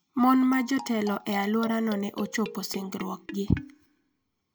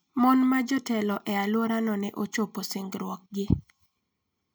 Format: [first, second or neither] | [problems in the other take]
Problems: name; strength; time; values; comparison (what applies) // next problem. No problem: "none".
second | background sound (Marimba, xylophone); 16 dB below the speech